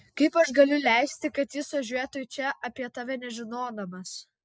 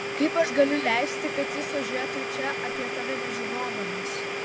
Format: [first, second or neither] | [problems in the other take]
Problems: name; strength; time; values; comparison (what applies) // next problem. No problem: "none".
first | background sound (Domestic sounds, home sounds); 2 dB below the speech